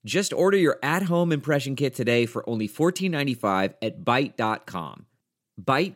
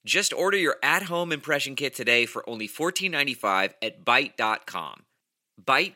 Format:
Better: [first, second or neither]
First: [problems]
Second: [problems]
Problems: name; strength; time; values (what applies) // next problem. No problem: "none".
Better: first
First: none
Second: thin; somewhat; fading below 1 kHz